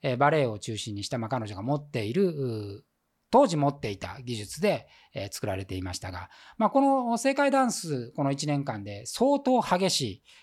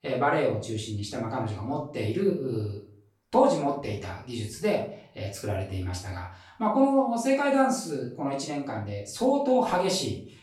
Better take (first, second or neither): first